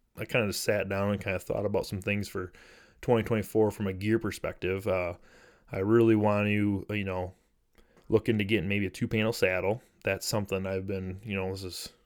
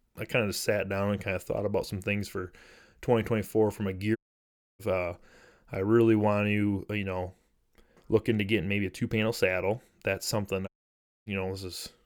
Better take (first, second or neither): first